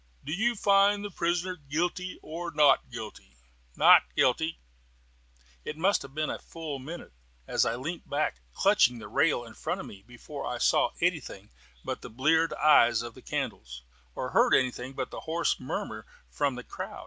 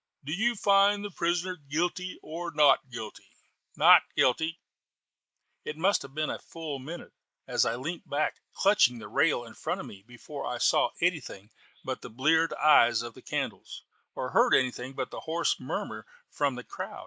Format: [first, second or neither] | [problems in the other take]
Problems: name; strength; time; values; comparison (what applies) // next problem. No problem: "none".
first | noise reduction (neural mask model Resemble Enhance denoiser)